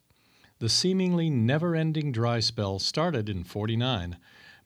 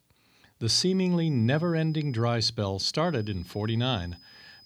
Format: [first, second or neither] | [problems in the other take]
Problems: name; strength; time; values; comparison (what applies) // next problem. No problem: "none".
first | high-pitched whine; faint; from 1 to 2 s and from 3 s on; 5 kHz, 25 dB below the speech